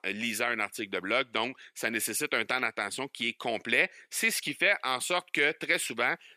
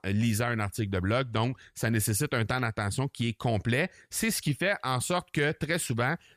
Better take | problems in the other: second | thin; somewhat; fading below 300 Hz

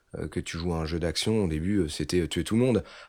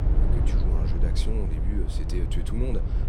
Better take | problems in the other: first | low rumble; loud; throughout; 1 dB below the speech

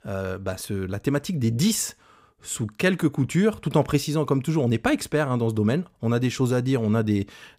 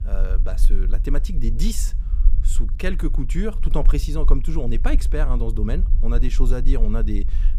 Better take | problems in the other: first | low rumble; noticeable; throughout; 15 dB below the speech

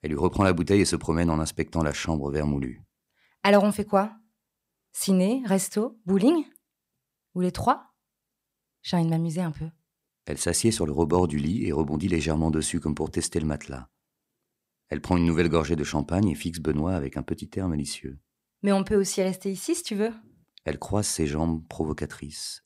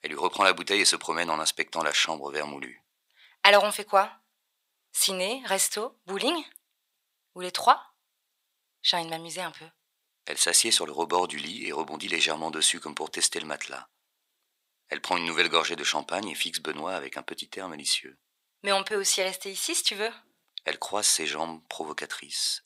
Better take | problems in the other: first | thin; very; fading below 800 Hz

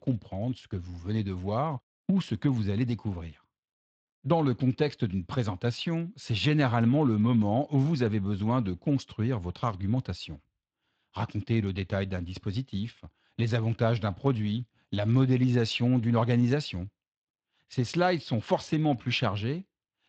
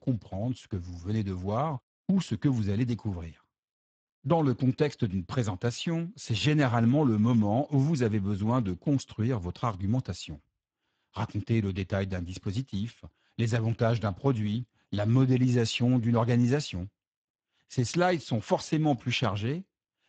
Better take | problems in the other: first | garbled, watery; badly; nothing above 7.5 kHz; slightly in the first

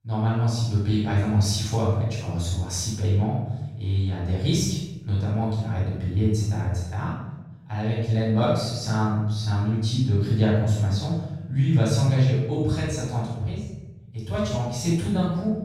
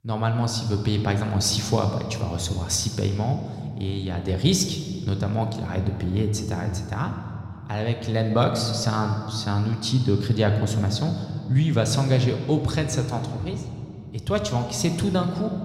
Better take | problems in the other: second | room echo; strong; dies away in 0.9 s; slight in the second // off-mic speech; far

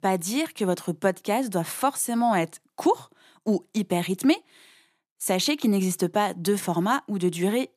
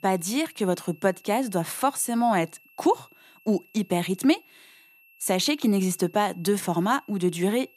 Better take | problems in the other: first | high-pitched whine; faint; throughout; 2.5 kHz, 30 dB below the speech

